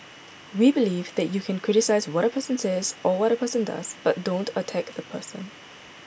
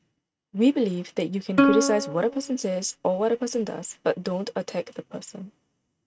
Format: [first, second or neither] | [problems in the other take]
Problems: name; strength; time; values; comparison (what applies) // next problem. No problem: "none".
first | noise reduction (neural mask model RNNoise)